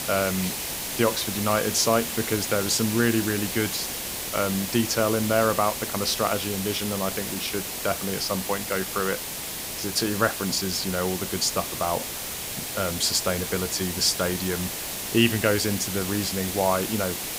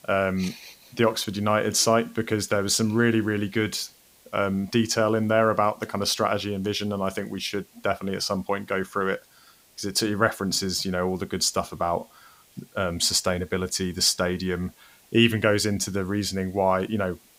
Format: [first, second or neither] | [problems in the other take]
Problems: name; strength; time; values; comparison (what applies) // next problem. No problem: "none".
second | hiss; loud; throughout; 4 dB below the speech; faint in the second